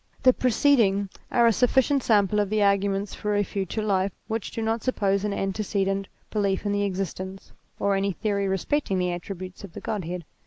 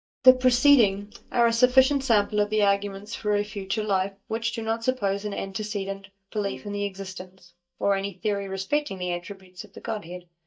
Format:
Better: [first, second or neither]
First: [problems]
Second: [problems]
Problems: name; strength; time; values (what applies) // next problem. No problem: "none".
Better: first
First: none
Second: noise reduction (neural mask model DeepFilterNet 3)